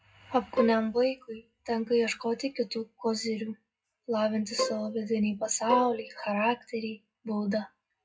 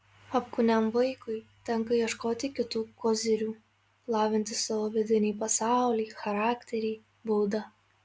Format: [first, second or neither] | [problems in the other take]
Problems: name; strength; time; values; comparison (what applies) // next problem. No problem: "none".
second | noise reduction (classical method WPE with log-MMSE)